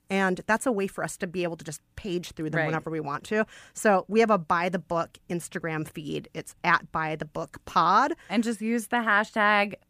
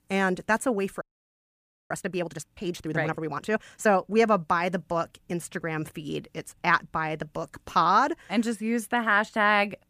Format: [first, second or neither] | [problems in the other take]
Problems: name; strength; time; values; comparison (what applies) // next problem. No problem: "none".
first | audio freezing; at 1 s for 1 s